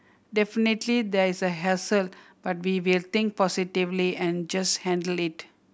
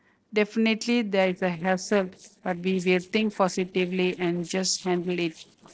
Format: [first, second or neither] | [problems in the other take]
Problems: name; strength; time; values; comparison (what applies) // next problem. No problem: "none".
first | noise reduction (neural separator model SepFormer DNS4)